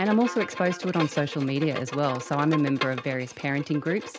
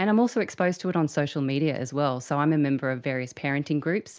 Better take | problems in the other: second | background sound (Bowed string instrument); 10 dB below the speech

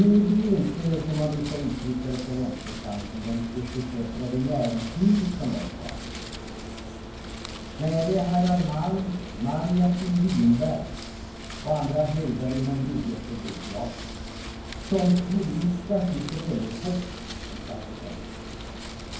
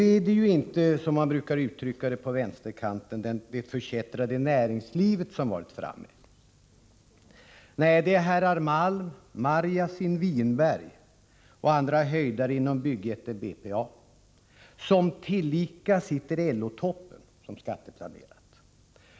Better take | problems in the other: second | background sound (Wind); 10 dB below the speech // room echo; dies away in 0.9 s

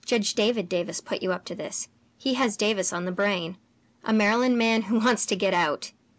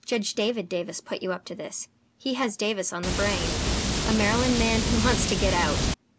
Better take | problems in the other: first | background sound (Water); 2 dB above the speech

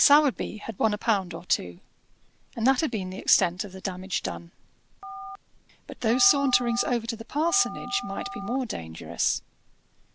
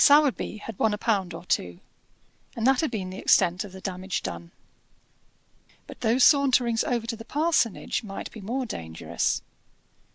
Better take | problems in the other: second | background sound (Telephone); 11 dB below the speech

